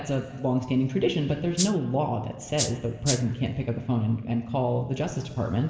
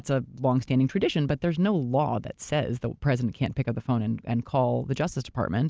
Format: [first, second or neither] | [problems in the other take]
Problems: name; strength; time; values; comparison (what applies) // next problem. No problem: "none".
second | background sound (Rattle (instrument)); 5 dB below the speech // room echo; dies away in 1.9 s